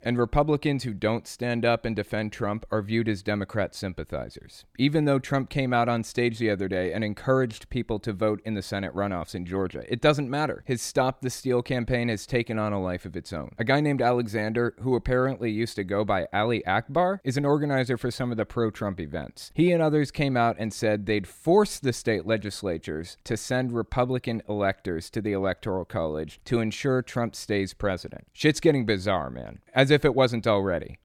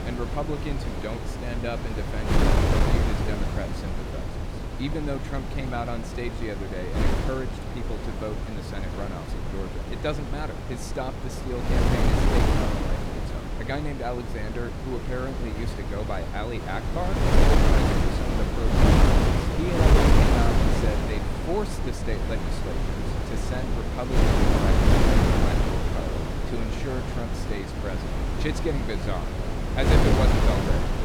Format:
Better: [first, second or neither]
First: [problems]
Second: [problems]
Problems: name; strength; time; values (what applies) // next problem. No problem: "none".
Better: first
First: none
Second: wind noise on the microphone; heavy; 4 dB above the speech